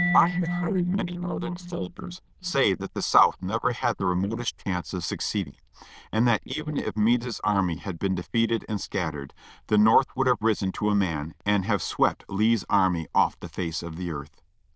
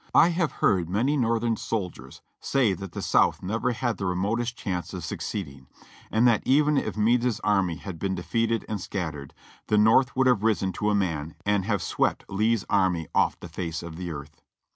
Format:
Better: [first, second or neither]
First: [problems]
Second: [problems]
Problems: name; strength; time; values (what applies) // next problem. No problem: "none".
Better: second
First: noise reduction (neural diffusion model UNIVERSE++)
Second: none